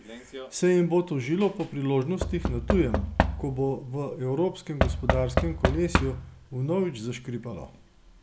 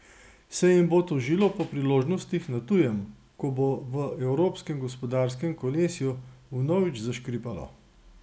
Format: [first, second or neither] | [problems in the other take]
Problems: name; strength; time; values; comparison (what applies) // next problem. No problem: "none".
second | background sound (Knock / Wood); 3 dB below the speech